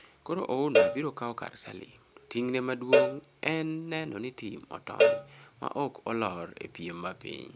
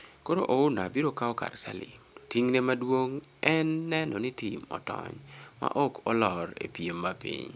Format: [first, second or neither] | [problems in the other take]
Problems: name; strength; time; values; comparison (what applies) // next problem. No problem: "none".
second | background sound (Cowbell); 3 dB above the speech